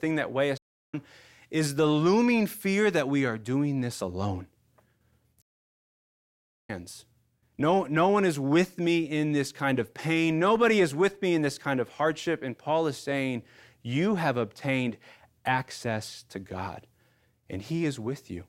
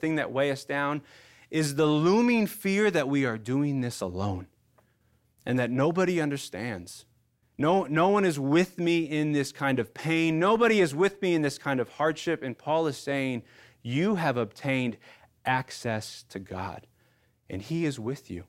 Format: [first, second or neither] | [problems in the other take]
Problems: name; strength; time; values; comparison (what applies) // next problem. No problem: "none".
second | audio cutting out; at 0.5 s and at 5.5 s for 1.5 s